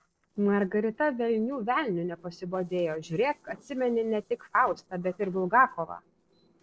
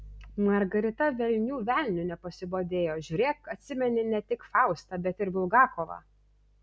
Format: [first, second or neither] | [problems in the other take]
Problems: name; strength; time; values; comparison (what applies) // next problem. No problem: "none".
second | noise reduction (neural separator model SepFormer DNS4)